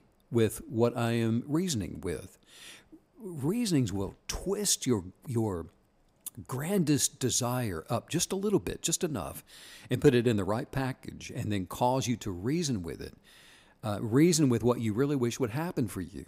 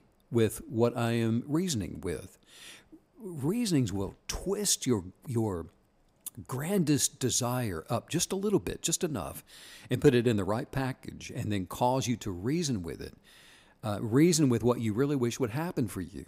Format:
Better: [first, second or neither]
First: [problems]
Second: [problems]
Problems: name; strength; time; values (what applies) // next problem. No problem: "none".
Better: neither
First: none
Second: none